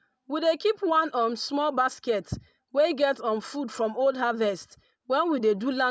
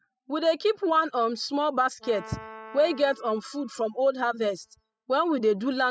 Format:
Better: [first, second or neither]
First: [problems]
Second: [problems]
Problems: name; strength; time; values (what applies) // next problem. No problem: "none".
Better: first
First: none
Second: noise reduction (classical method spectral subtraction)